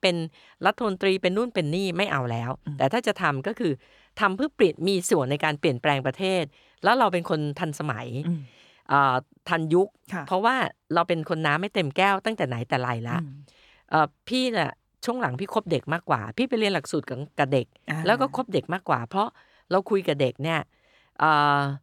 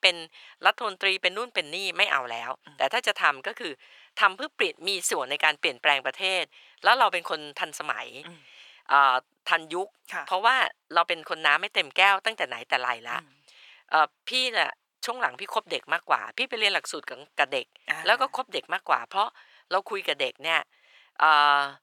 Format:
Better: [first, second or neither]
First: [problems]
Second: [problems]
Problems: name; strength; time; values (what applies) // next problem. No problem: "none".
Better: first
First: none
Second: thin; very; fading below 800 Hz